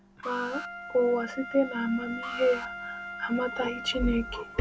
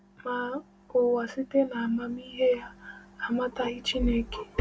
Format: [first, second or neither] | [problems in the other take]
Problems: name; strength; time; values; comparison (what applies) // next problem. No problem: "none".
second | background sound (Wind instrument, woodwind instrument + Alarm); 12 dB below the speech